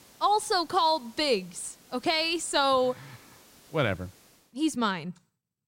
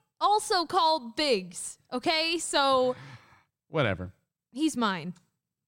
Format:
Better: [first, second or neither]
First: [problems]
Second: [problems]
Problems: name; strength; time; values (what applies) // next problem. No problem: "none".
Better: second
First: hiss; faint; until 4.5 s; 25 dB below the speech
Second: none